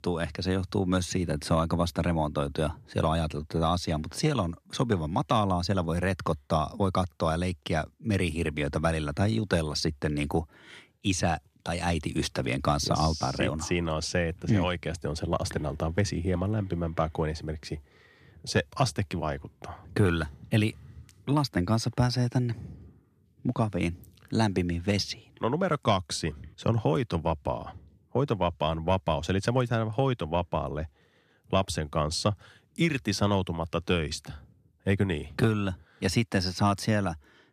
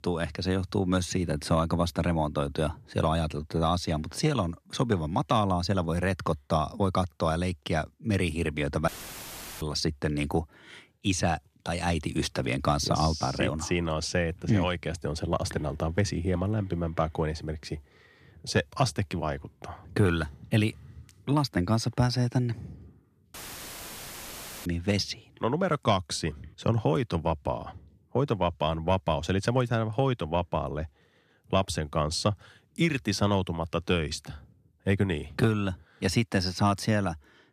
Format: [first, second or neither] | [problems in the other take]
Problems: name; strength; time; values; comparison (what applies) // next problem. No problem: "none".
first | audio cutting out; filled with static; at 9 s for 0.5 s and at 23 s for 1.5 s